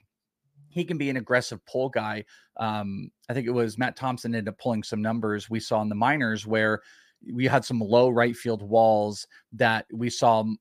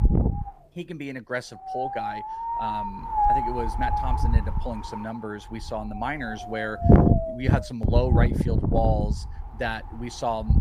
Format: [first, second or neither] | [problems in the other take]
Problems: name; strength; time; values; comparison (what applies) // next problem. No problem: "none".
first | wind noise on the microphone; heavy; 4 dB above the speech